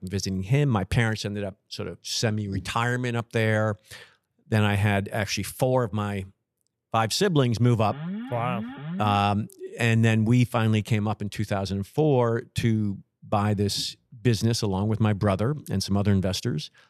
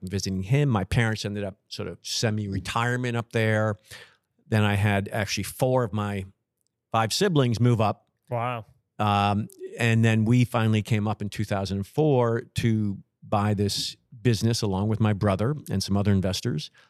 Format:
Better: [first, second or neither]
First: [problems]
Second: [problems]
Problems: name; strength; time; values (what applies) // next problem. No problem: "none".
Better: second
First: alarm; noticeable; from 8 to 9 s; peak 9 dB below the speech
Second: none